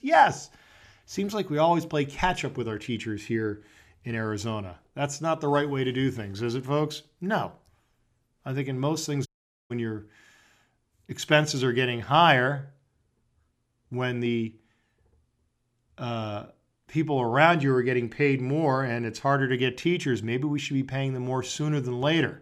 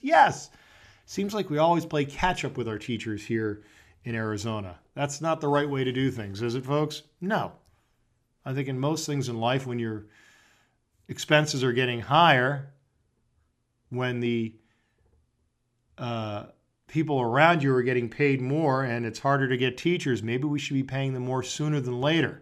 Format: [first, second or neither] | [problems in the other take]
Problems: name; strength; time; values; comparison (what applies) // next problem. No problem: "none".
second | audio cutting out; at 9.5 s